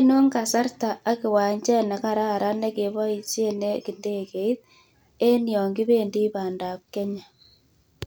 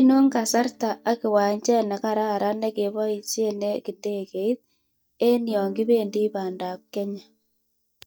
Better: first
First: none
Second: noise reduction (neural mask model DeepFilterNet 3)

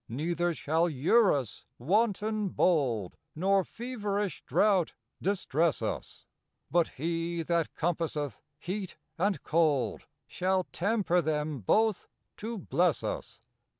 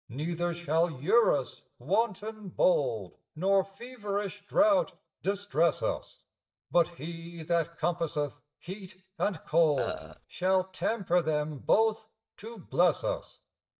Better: first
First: none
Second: noise reduction (neural mask model DeepFilterNet 3)

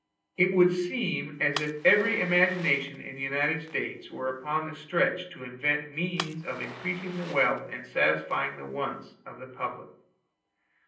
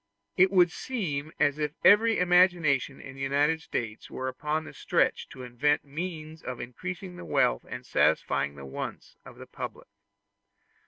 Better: second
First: background sound (Fire); 15 dB below the speech // room echo; dies away in 0.6 s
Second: none

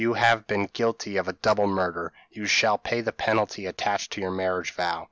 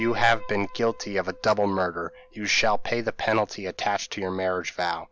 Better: first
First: none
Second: background sound (Piano); 10 dB below the speech

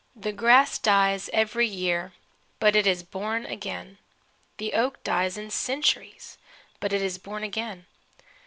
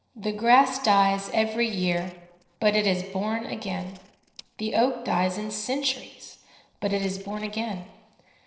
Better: first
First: none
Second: noise reduction (neural separator model SepFormer DNS4)

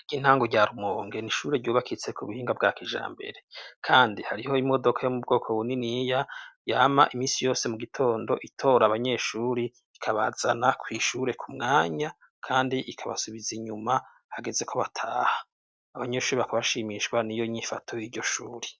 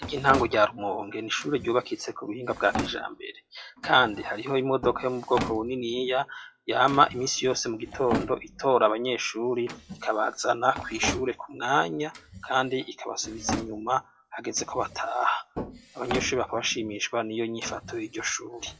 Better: first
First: none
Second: noise reduction (classical method WPE with log-MMSE)

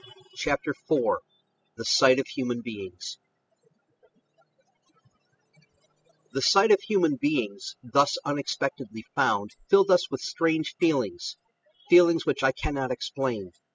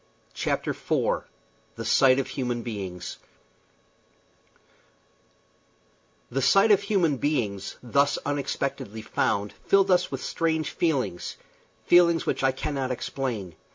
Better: second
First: noise reduction (classical method spectral subtraction)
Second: none

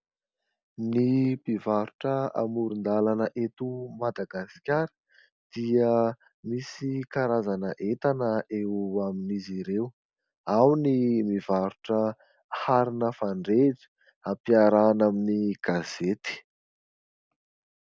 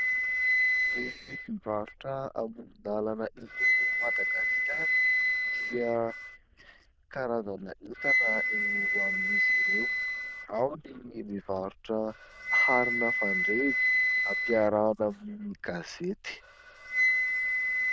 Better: first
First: none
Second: noise reduction (neural diffusion model UNIVERSE++)

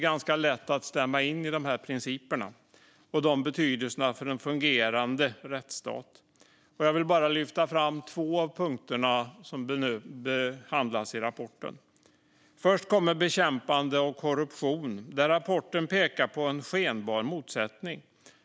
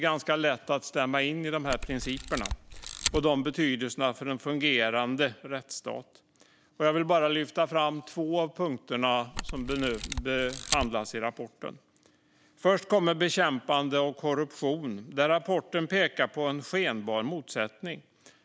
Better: first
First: none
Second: background sound (Camera); 7 dB below the speech

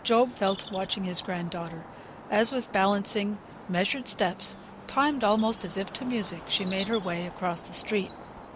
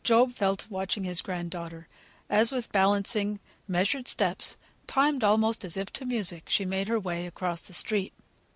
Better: second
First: background sound (Bird vocalization, bird call, bird song + Traffic noise, roadway noise); 14 dB below the speech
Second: none

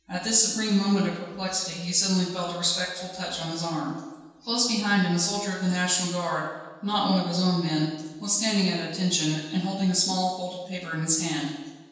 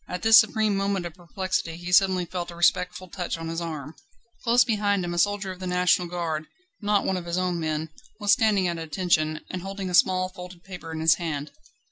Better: second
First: room echo; dies away in 1.2 s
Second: none

